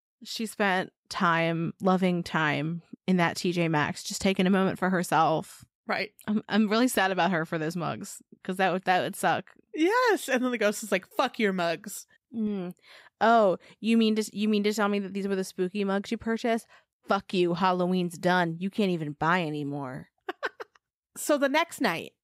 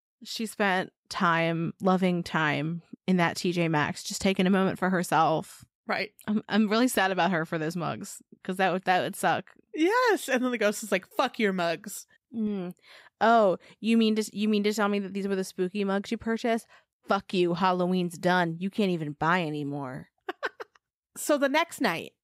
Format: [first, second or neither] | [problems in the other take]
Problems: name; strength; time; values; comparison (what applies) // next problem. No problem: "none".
neither | none